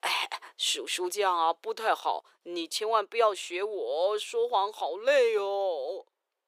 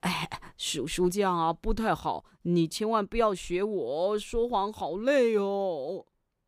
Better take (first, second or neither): second